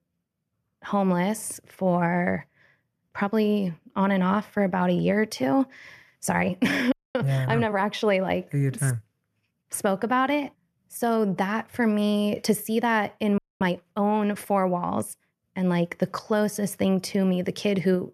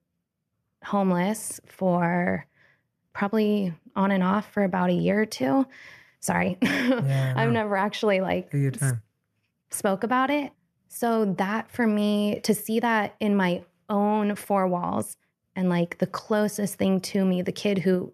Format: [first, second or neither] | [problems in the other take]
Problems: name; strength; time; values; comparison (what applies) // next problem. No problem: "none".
second | audio freezing; at 7 s and at 13 s